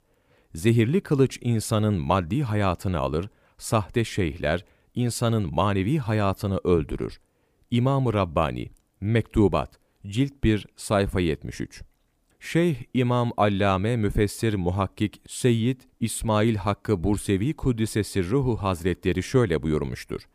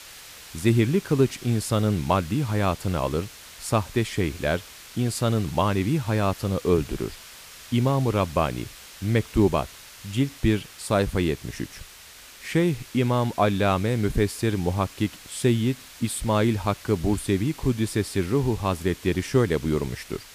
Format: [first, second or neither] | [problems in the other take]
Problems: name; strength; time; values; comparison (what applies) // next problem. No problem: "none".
first | hiss; noticeable; throughout; 20 dB below the speech